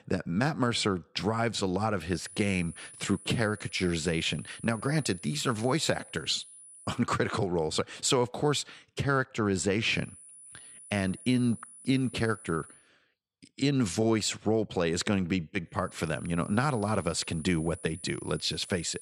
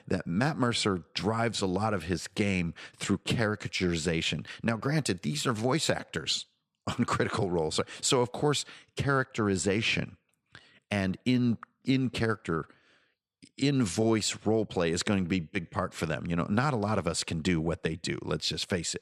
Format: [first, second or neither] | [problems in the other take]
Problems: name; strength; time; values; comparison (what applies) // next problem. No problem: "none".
second | high-pitched whine; noticeable; from 2 to 7 s, from 10 to 13 s and from 16 s on; 10 kHz, 15 dB below the speech